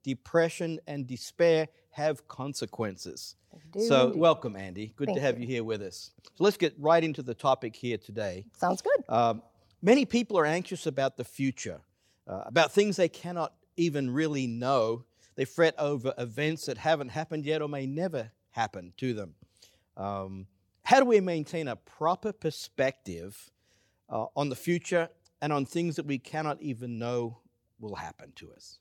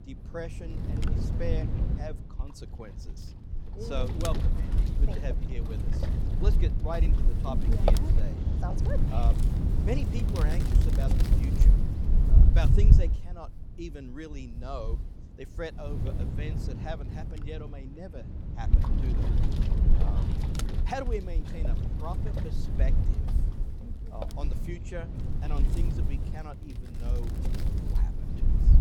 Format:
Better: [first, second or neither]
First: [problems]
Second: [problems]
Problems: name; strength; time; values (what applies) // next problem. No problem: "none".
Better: first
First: none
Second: wind noise on the microphone; heavy; 1 dB below the speech